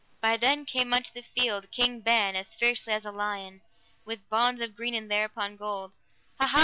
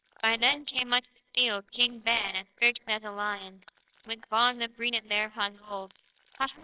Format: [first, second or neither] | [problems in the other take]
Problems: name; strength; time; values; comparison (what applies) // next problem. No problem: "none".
first | noise reduction (neural separator model SepFormer WHAMR!)